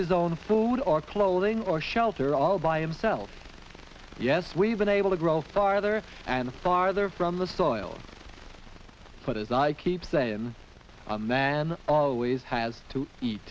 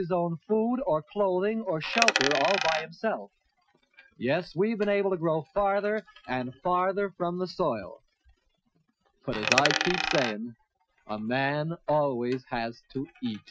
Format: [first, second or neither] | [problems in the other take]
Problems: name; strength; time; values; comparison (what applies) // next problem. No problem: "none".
first | noise reduction (classical method Wiener filter)